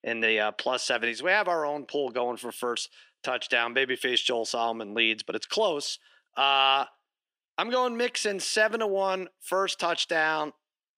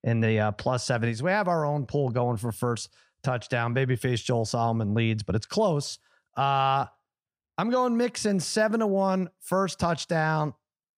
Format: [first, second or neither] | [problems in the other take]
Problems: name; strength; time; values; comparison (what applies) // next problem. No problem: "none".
second | thin; somewhat; fading below 300 Hz